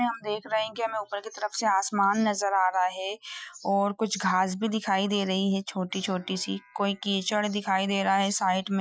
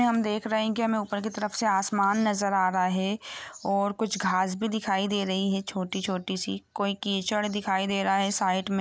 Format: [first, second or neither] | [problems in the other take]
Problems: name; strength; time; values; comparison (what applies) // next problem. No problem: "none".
second | noise reduction (classical method Wiener filter)